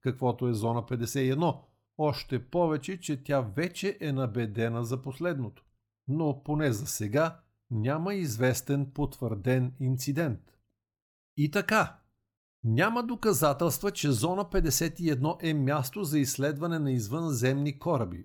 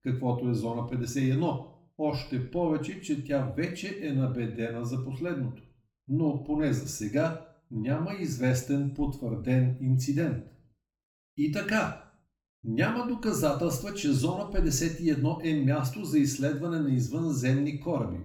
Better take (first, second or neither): first